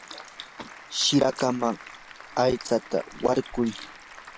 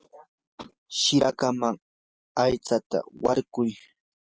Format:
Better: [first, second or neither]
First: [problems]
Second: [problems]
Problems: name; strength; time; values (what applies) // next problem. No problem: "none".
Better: second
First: background sound (Applause + Sink (filling or washing) / Liquid); 16 dB below the speech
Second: none